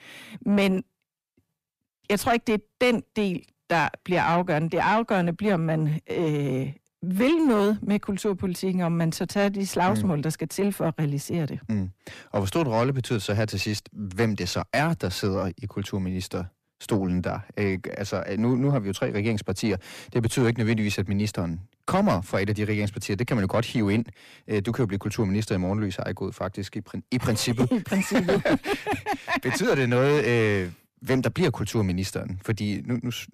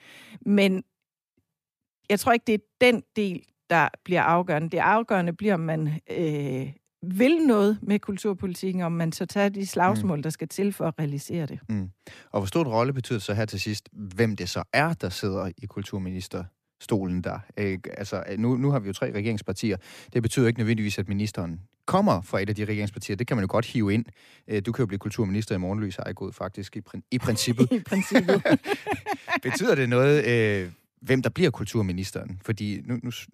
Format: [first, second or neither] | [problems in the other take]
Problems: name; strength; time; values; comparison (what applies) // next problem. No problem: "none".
second | distortion; slight; 10 dB below the speech